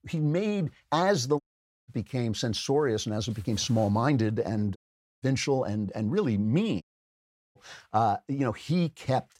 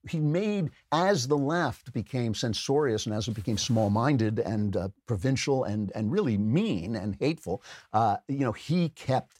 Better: second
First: audio cutting out; at 1.5 s, at 5 s and at 7 s for 0.5 s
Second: none

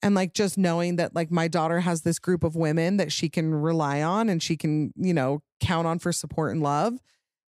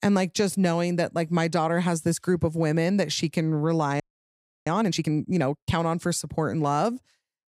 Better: first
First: none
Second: audio freezing; at 4 s for 0.5 s

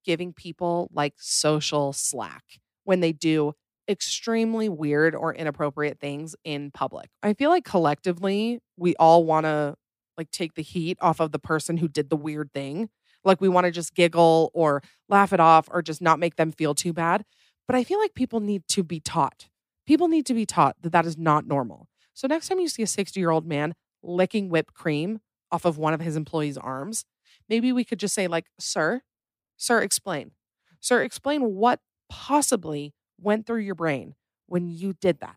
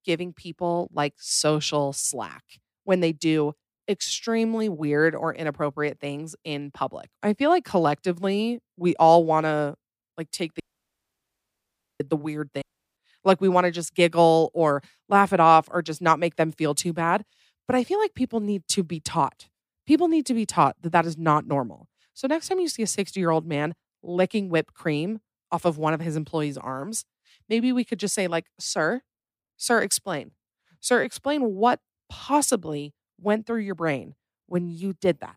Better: first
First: none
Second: audio cutting out; at 11 s for 1.5 s and at 13 s

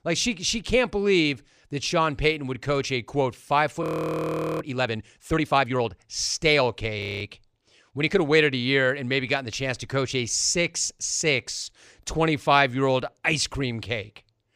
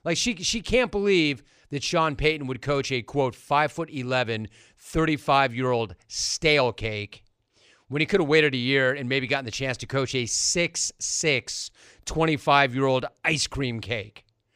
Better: second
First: audio freezing; at 4 s for 1 s and at 7 s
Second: none

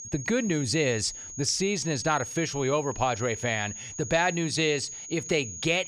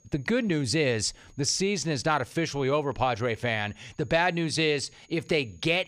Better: second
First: high-pitched whine; loud; throughout; 6.5 kHz, 9 dB below the speech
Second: high-pitched whine; faint; throughout; 6.5 kHz, 35 dB below the speech

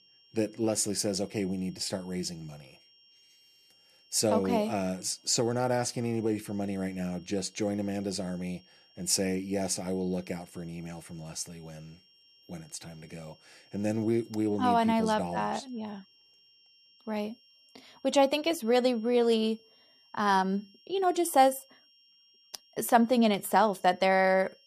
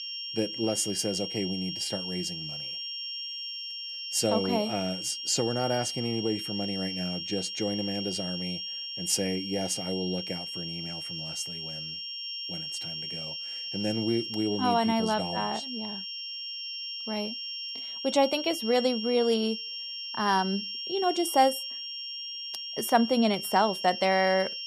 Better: first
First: high-pitched whine; faint; throughout; 5.5 kHz, 30 dB below the speech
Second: high-pitched whine; loud; throughout; 5.5 kHz, 5 dB below the speech

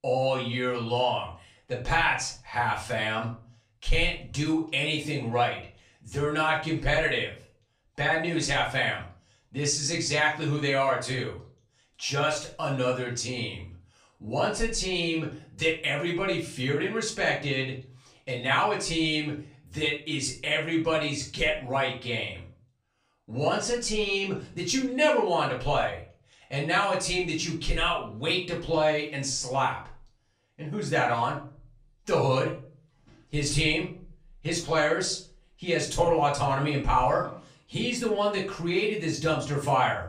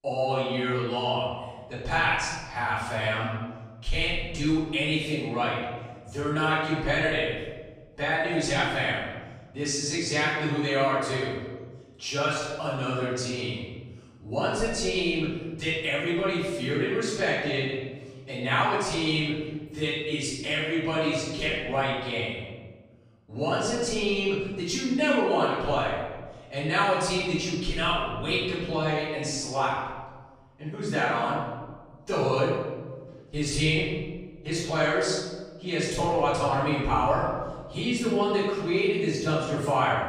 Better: first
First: room echo; slight; dies away in 0.4 s // off-mic speech; far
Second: room echo; strong; dies away in 1.3 s // off-mic speech; far

